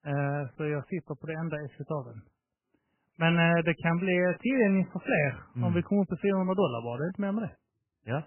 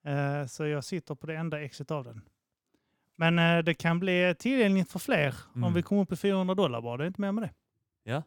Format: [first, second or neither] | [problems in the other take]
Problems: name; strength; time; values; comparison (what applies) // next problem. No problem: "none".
second | garbled, watery; badly; nothing above 3 kHz